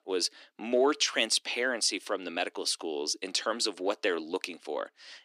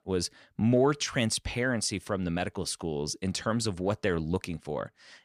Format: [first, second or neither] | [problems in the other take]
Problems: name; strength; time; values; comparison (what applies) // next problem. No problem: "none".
second | thin; somewhat; fading below 300 Hz